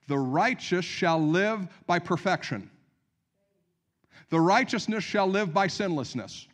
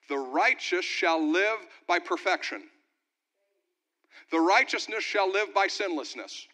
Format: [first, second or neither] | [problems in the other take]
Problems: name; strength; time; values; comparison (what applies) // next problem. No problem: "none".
first | thin; very; fading below 300 Hz